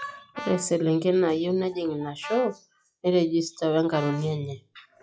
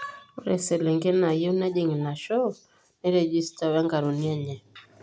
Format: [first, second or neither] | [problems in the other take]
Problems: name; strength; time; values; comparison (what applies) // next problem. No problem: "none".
second | noise reduction (classical method log-MMSE)